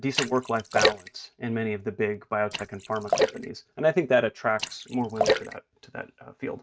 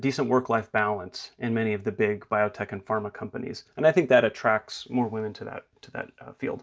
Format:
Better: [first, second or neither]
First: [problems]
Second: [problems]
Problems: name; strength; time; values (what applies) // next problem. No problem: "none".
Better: second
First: noise reduction (neural mask model RNNoise)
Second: none